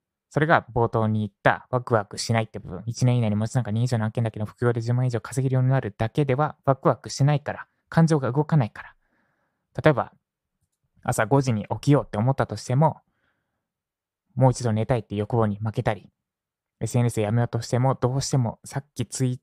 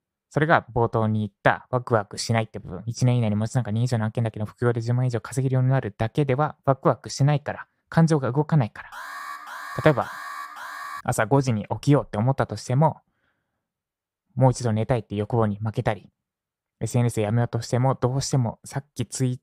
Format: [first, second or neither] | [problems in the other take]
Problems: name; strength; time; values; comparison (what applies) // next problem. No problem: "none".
first | alarm; faint; from 9 to 11 s; peak 10 dB below the speech